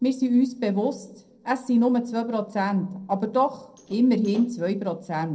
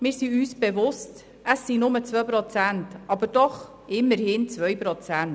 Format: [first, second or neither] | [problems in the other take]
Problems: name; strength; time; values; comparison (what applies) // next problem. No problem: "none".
second | noise reduction (neural separator model SepFormer DNS4)